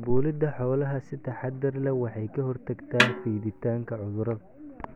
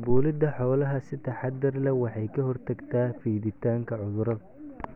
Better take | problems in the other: second | background sound (Snare drum); 3 dB below the speech

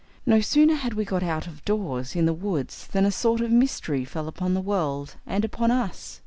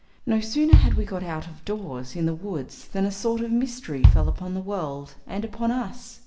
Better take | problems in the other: first | background sound (Bass drum); 4 dB above the speech // room echo; dies away in 0.7 s

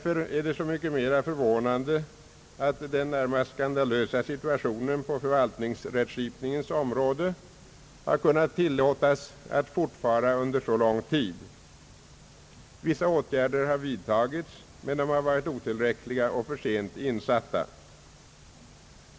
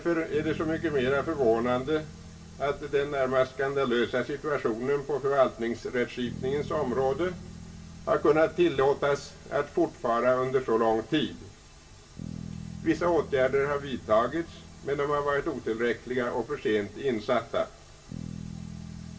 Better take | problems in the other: first | background sound (Bass guitar); 16 dB below the speech // room echo; dies away in 0.2 s

